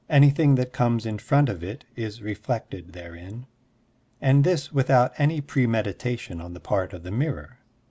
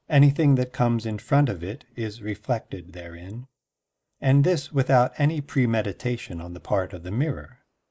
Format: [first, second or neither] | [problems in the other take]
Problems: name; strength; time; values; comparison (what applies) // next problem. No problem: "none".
first | noise reduction (neural mask model Resemble Enhance denoiser)